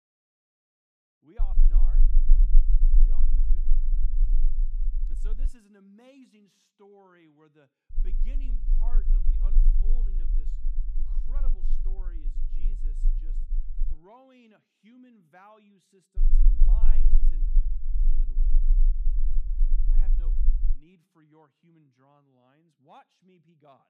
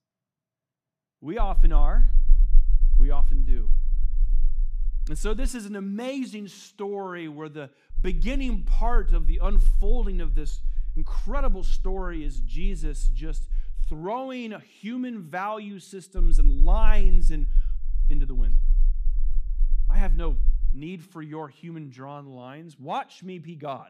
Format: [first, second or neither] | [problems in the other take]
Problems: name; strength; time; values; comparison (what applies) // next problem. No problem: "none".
second | low rumble; loud; from 1.5 to 5.5 s, from 8 to 14 s and from 16 to 21 s; 1 dB below the speech; faint in the second